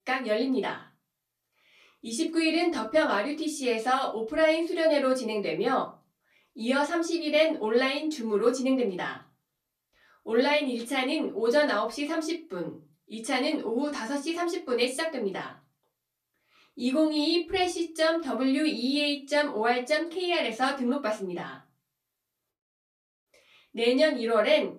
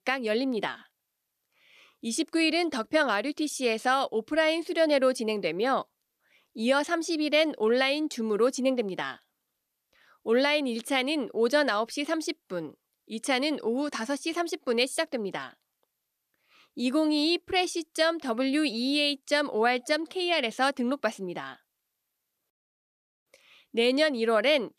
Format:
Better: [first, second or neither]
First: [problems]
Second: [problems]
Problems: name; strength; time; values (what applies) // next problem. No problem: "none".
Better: second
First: off-mic speech; far // room echo; very slight; dies away in 0.3 s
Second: none